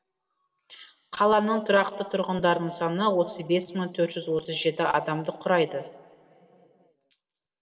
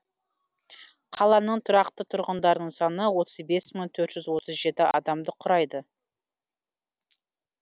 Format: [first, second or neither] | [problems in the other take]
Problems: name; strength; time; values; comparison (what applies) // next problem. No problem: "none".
second | room echo; dies away in 2.4 s